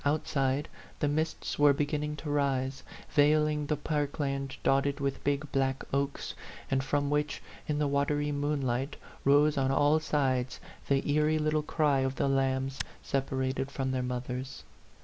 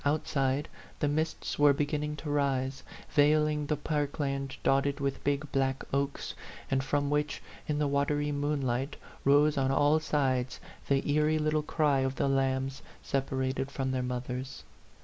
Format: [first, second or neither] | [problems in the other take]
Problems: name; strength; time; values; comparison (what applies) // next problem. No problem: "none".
second | background sound (Tick); 13 dB below the speech